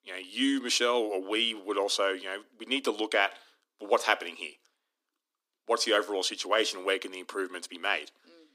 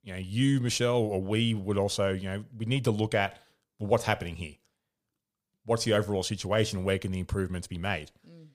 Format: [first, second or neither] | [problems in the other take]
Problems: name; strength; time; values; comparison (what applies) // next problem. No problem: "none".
second | thin; somewhat; fading below 250 Hz